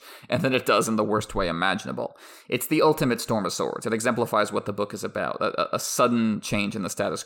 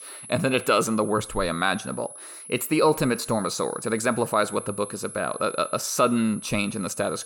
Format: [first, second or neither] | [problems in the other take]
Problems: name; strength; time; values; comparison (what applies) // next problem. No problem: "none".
first | high-pitched whine; noticeable; throughout; 10.5 kHz, 15 dB below the speech